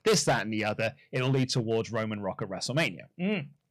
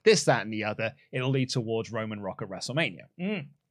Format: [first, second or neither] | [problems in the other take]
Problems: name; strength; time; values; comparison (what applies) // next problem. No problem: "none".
second | distortion; heavy; 4% of the sound clipped